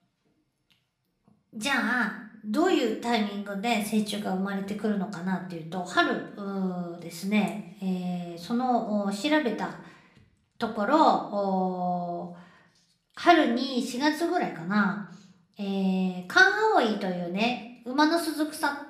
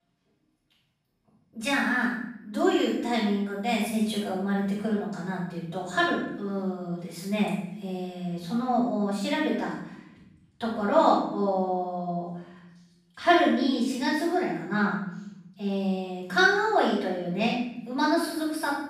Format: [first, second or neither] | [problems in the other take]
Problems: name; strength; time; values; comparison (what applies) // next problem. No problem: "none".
first | room echo; strong; dies away in 0.8 s; slight in the first // off-mic speech; far; somewhat distant in the first